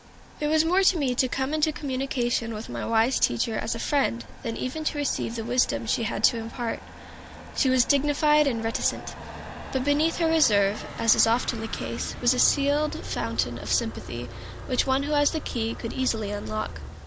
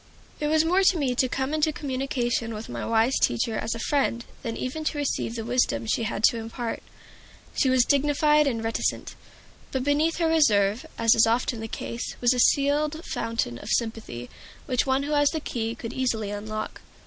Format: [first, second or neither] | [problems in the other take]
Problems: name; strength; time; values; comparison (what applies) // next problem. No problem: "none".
second | background sound (Motor vehicle (road)); 13 dB below the speech